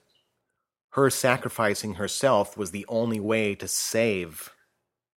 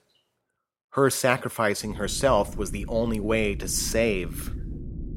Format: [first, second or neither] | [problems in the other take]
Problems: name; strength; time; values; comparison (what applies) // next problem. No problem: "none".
first | low rumble; faint; from 2 s on; 20 dB below the speech